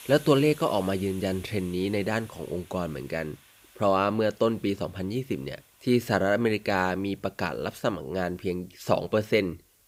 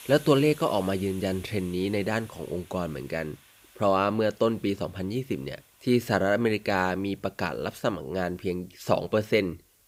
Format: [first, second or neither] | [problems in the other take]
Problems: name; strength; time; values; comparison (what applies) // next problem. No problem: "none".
neither | hiss; faint; throughout; 25 dB below the speech; the same in both